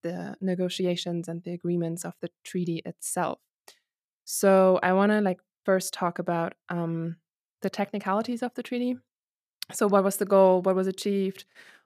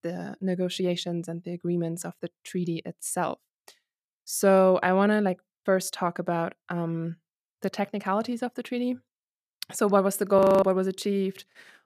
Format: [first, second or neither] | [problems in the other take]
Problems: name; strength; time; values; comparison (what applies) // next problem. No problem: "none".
first | audio freezing; at 10 s